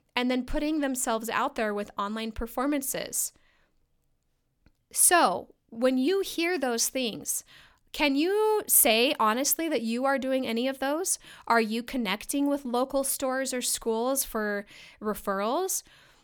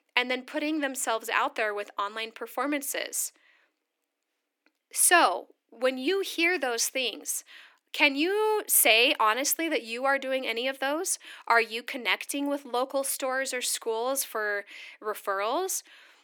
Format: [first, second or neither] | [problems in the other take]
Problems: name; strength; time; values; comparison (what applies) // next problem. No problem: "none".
first | thin; very slightly; fading below 300 Hz